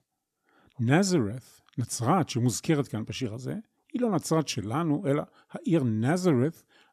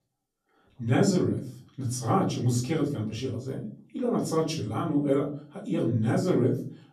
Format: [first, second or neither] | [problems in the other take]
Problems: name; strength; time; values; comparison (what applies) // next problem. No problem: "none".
first | off-mic speech; far // room echo; slight; dies away in 0.4 s